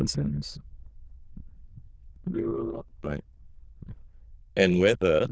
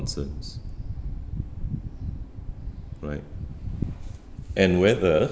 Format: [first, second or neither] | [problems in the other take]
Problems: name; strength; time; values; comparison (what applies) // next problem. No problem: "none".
second | noise reduction (neural diffusion model UNIVERSE++)